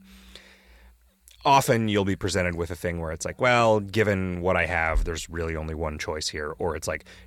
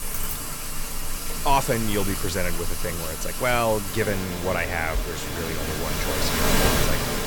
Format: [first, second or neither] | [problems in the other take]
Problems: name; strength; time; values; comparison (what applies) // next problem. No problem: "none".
first | rain or running water; loud; throughout; as loud as the speech